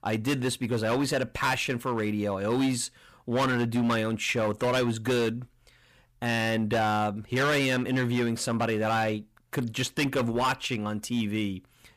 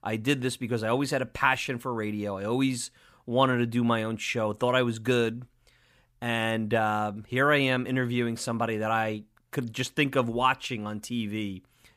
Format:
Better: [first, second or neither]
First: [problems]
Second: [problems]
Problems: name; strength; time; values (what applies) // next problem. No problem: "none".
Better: second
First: distortion; heavy; 12% of the sound clipped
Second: none